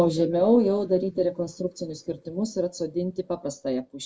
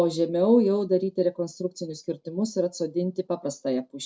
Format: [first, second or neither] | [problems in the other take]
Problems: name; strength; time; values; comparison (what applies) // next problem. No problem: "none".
second | noise reduction (neural mask model Resemble Enhance denoiser)